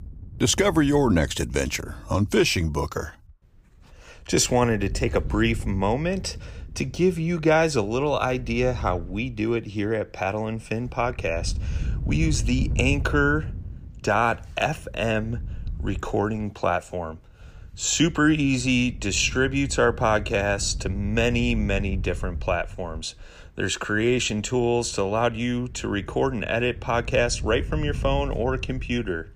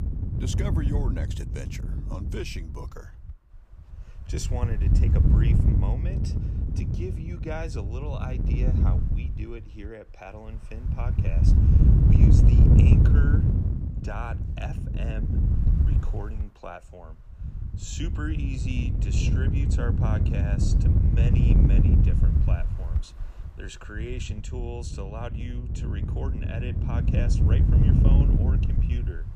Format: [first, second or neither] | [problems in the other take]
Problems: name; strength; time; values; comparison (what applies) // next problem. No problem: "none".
first | wind noise on the microphone; heavy; 3 dB above the speech; occasional gusts in the first